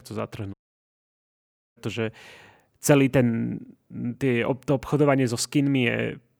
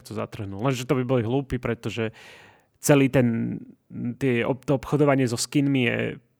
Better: second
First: audio cutting out; at 0.5 s for 1 s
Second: none

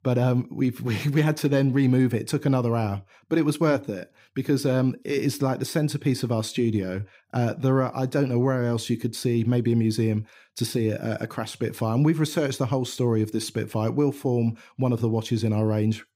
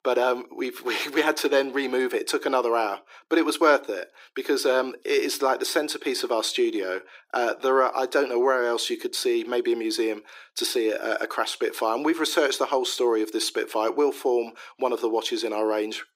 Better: first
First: none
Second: thin; very; fading below 350 Hz

